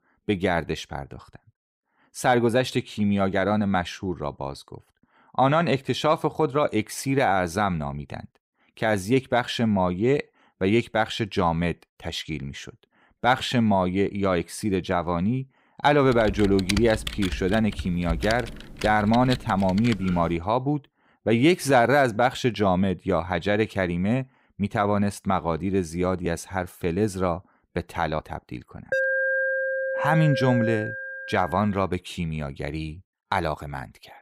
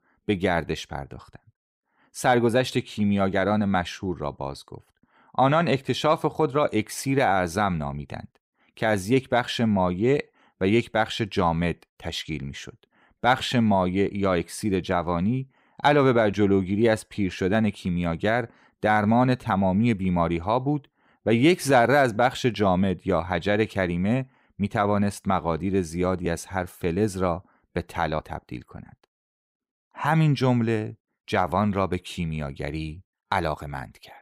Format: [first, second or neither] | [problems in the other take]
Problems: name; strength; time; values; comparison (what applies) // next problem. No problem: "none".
second | keyboard typing; noticeable; from 16 to 20 s; peak 4 dB below the speech // alarm; loud; from 29 to 32 s; peak 2 dB above the speech